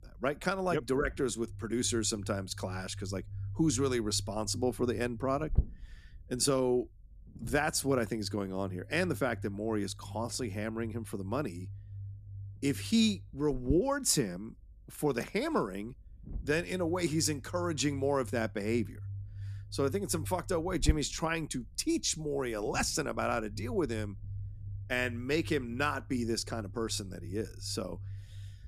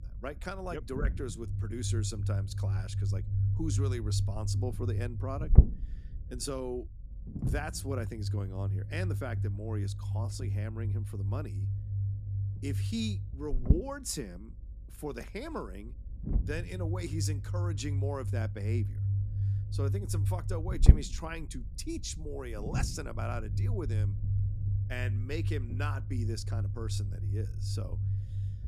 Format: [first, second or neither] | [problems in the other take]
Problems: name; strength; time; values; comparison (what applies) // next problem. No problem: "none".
first | low rumble; loud; throughout; 6 dB below the speech; faint in the first